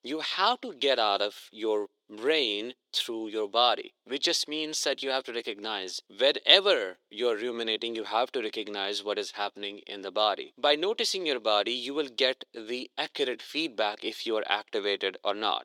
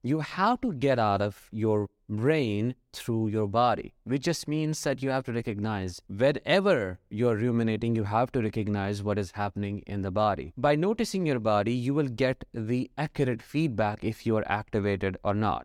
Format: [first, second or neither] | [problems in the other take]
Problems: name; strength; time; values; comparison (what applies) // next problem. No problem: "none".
second | thin; very; fading below 350 Hz